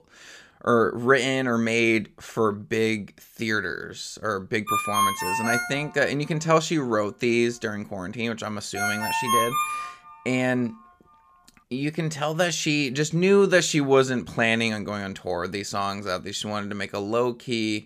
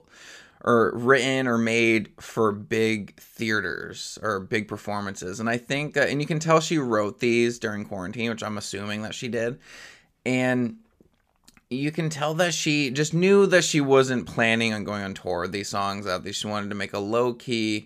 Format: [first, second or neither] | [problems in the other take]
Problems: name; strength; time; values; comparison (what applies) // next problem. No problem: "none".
second | phone ringing; loud; from 4.5 to 10 s; peak 3 dB above the speech